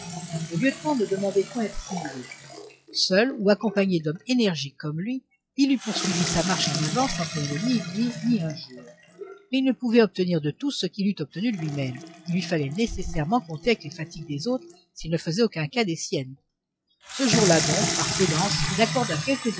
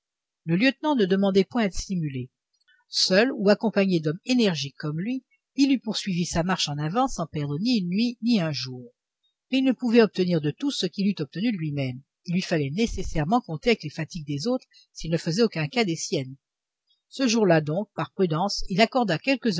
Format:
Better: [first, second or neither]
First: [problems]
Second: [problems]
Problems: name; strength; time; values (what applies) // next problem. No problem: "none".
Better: second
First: noise reduction (classical method log-MMSE)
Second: none